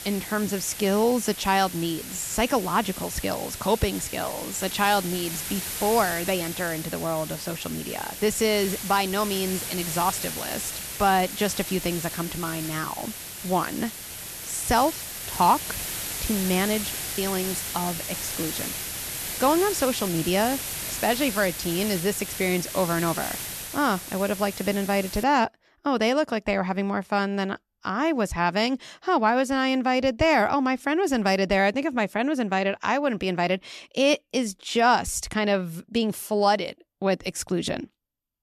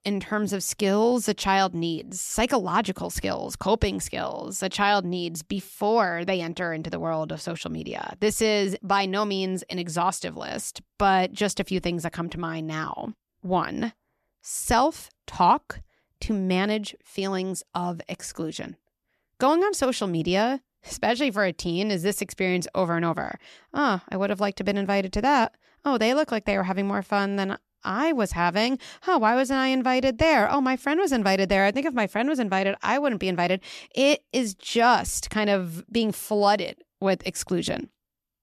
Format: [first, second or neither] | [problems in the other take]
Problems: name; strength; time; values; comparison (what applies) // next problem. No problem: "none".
second | hiss; loud; until 25 s; 6 dB below the speech